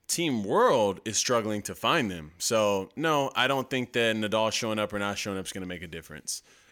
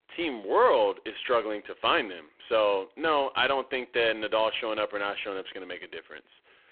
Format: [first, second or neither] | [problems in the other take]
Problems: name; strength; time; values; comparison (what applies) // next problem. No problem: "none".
first | phone-call audio; poor line